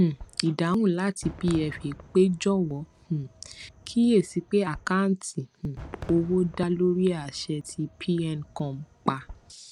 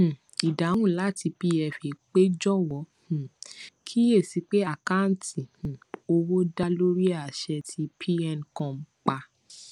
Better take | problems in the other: second | background sound (Fireworks); 20 dB below the speech

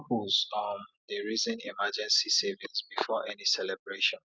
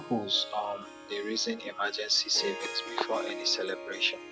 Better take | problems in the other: first | background sound (Harp); 9 dB below the speech

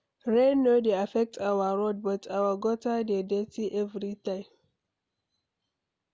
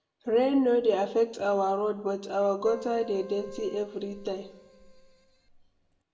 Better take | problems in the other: first | background sound (Keyboard (musical)); 17 dB below the speech // room echo; dies away in 0.6 s

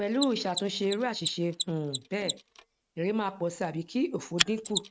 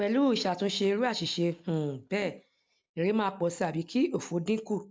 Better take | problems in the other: second | noise reduction (neural mask model RNNoise)

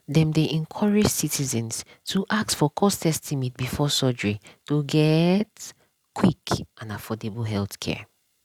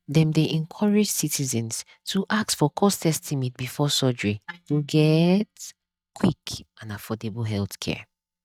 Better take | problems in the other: first | noise reduction (neural mask model DeepFilterNet 3)

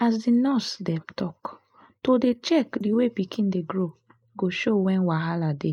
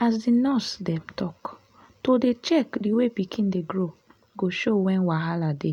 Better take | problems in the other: second | noise reduction (neural mask model Resemble Enhance denoiser)

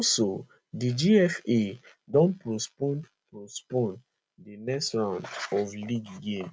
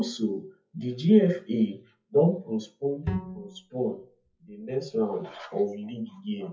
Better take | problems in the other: first | noise reduction (classical method WPE with log-MMSE)

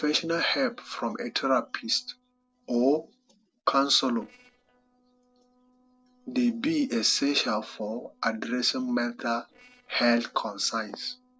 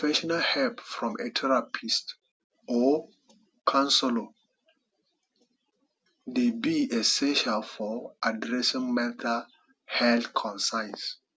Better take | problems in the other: second | noise reduction (neural separator model SepFormer DNS4)

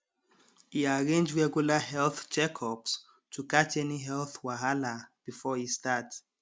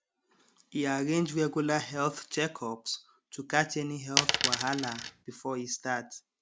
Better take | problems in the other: first | background sound (Coin (dropping)); 2 dB above the speech

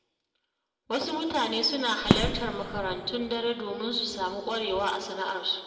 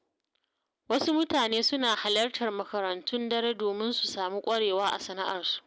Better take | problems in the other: second | background sound (Fireworks); 2 dB below the speech // room echo; dies away in 1.9 s

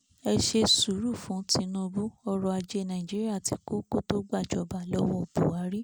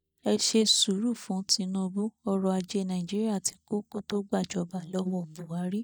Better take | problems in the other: first | noise reduction (neural mask model DeepFilterNet 3)

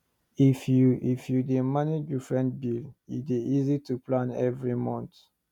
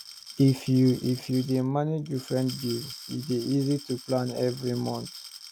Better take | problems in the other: first | background sound (Glass); 16 dB below the speech

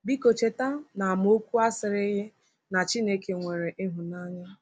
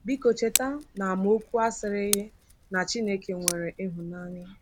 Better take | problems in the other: first | background sound (Tick); 8 dB below the speech

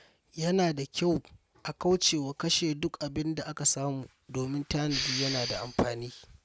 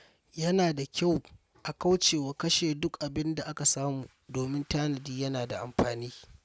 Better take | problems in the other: second | background sound (Respiratory sounds); 4 dB below the speech

